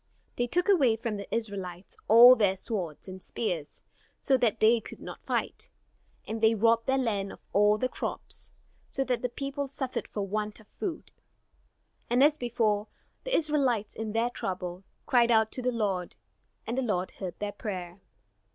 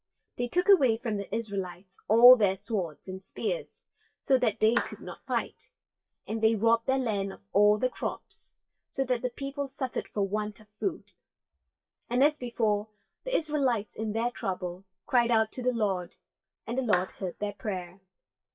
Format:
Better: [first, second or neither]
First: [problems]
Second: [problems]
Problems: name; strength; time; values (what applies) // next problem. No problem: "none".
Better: first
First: none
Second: noise reduction (classical method WPE with log-MMSE)